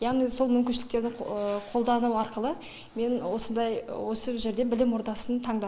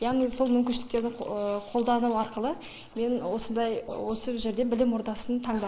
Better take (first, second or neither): first